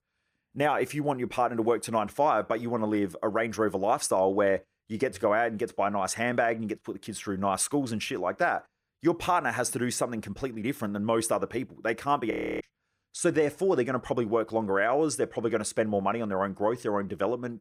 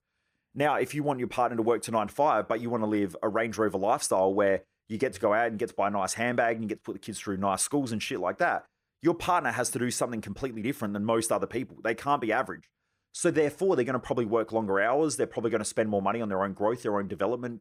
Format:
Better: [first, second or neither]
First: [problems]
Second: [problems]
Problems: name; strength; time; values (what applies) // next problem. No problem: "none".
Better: second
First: audio freezing; at 12 s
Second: none